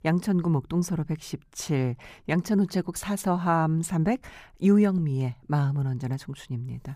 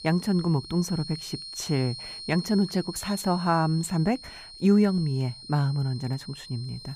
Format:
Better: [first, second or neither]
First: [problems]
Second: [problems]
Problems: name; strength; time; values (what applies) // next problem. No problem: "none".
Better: first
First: none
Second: high-pitched whine; noticeable; throughout; 4.5 kHz, 10 dB below the speech